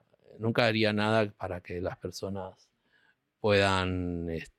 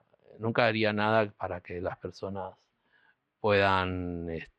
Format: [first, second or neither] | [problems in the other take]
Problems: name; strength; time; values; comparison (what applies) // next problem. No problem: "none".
first | muffled; very slightly; fading above 3 kHz